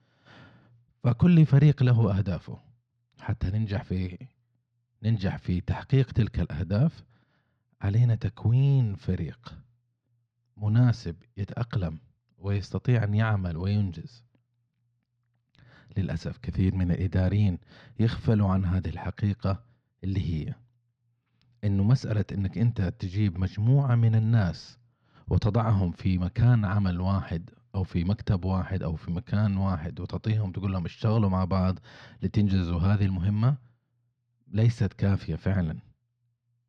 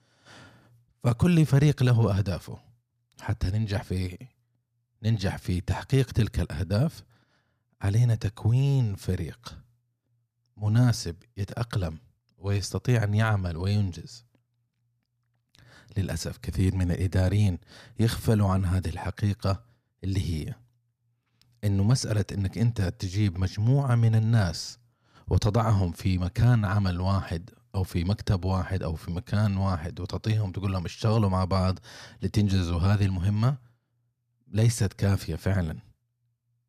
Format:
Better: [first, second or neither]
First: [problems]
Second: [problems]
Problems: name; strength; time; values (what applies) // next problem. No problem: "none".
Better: second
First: muffled; very slightly; fading above 4 kHz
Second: none